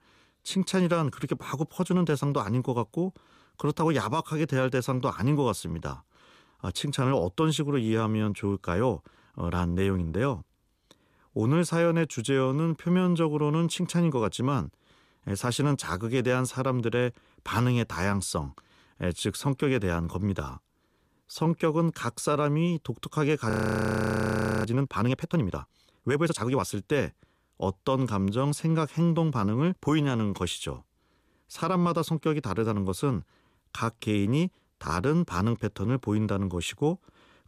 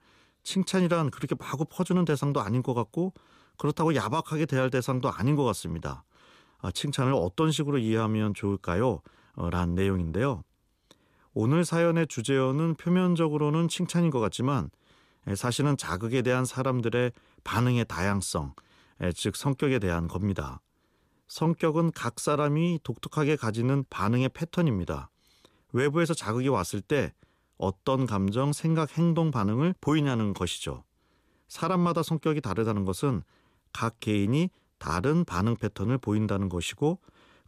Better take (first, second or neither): second